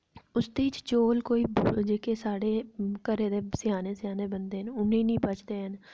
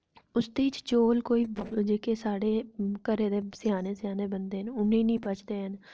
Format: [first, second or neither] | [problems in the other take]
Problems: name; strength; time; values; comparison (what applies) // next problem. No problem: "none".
first | noise reduction (neural separator model SepFormer DNS4)